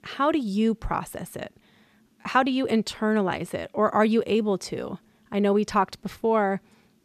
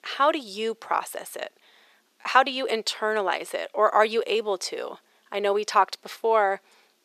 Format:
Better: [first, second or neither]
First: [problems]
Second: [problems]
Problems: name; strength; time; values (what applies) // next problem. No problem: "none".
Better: first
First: none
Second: thin; very; fading below 450 Hz